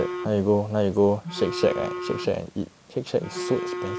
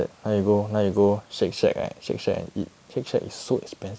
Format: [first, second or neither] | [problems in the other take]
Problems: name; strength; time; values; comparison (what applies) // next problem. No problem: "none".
second | background sound (Telephone); 9 dB below the speech